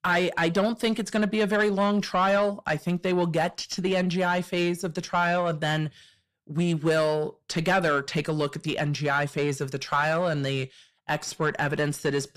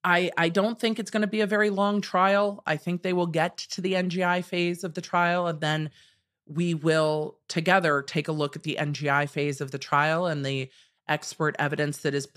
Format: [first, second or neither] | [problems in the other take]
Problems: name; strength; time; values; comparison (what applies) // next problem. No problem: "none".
second | distortion; slight; 10 dB below the speech